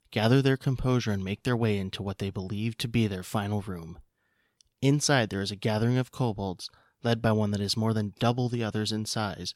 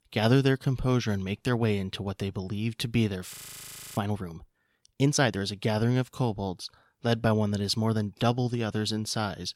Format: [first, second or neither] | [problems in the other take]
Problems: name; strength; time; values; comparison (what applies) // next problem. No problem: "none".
first | audio freezing; at 3.5 s for 0.5 s